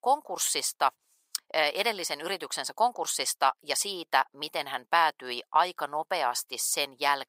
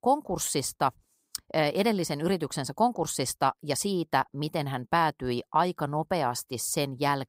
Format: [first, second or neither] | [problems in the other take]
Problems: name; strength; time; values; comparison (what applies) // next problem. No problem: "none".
second | thin; very; fading below 700 Hz